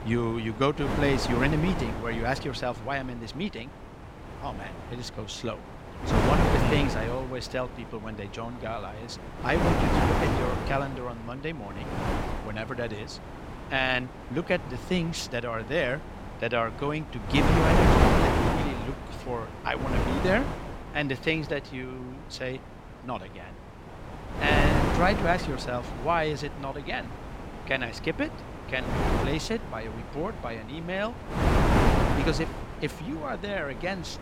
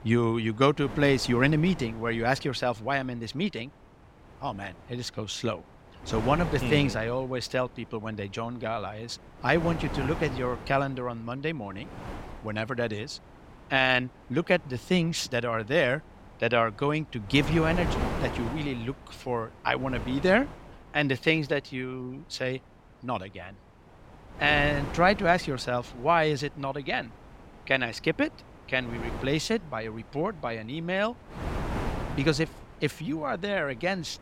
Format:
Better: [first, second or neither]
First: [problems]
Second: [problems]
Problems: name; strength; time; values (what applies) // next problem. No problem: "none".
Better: second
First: wind noise on the microphone; heavy; as loud as the speech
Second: wind noise on the microphone; occasional gusts; 15 dB below the speech